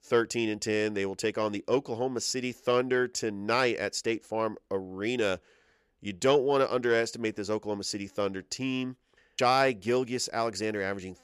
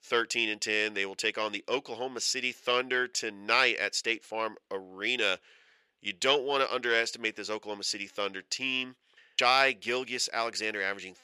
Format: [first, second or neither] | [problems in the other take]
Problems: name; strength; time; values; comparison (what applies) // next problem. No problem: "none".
first | thin; somewhat; fading below 1 kHz